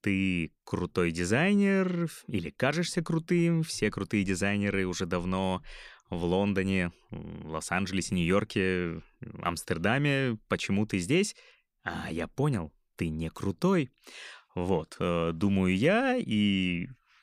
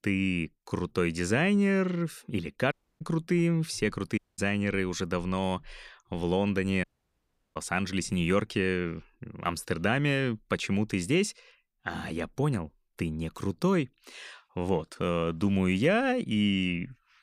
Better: first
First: none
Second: audio cutting out; at 2.5 s, at 4 s and at 7 s for 0.5 s

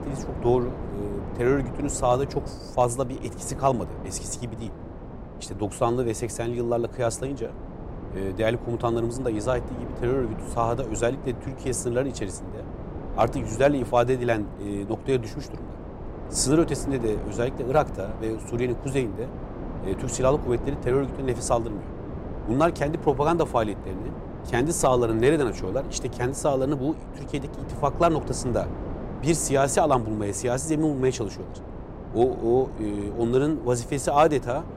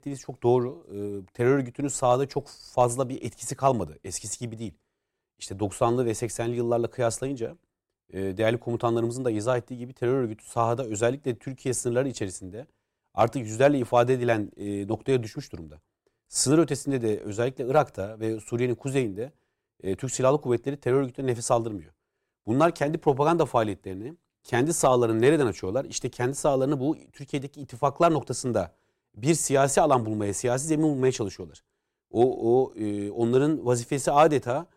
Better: second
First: wind noise on the microphone; occasional gusts; 15 dB below the speech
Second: none

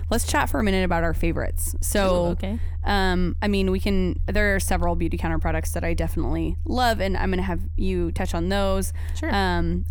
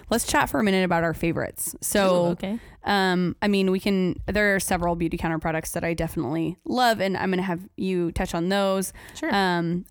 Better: second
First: low rumble; faint; throughout; 25 dB below the speech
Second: none

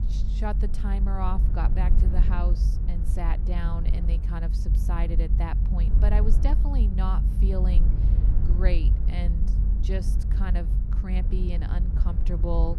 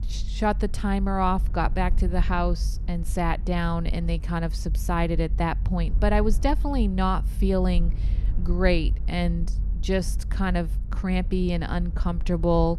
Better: second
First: low rumble; loud; throughout; 6 dB below the speech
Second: low rumble; faint; throughout; 20 dB below the speech

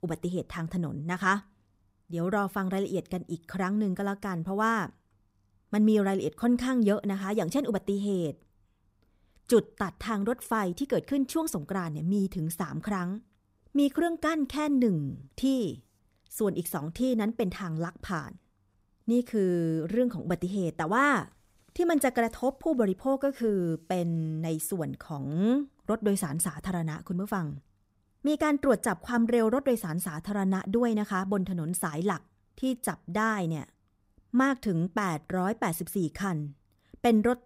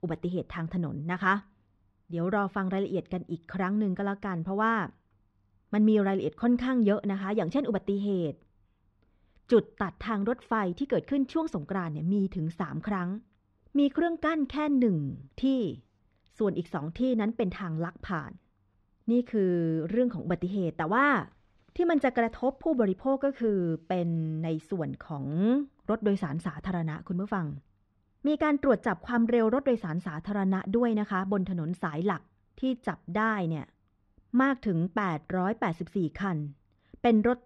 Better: first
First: none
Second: muffled; slightly; fading above 3.5 kHz

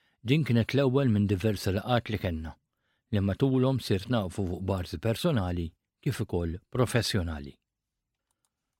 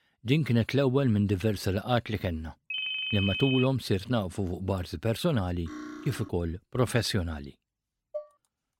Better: first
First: none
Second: phone ringing; noticeable; at 2.5 s; peak 1 dB below the speech // clattering dishes; faint; at 5.5 s and at 8 s; peak 10 dB below the speech

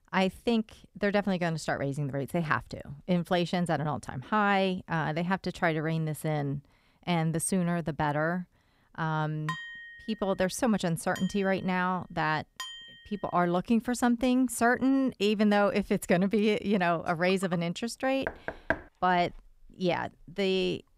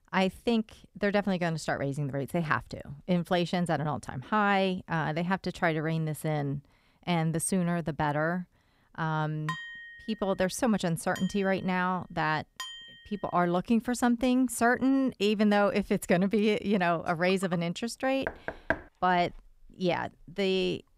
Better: neither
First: clattering dishes; noticeable; from 9.5 to 13 s; peak 8 dB below the speech // door banging; noticeable; at 18 s; peak 4 dB below the speech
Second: clattering dishes; noticeable; from 9.5 to 13 s; peak 8 dB below the speech // door banging; noticeable; at 18 s; peak 4 dB below the speech

